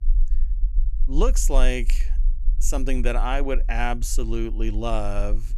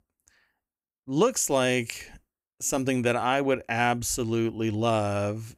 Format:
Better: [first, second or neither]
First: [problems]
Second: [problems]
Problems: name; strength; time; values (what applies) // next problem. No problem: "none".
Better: second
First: low rumble; faint; throughout; 25 dB below the speech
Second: none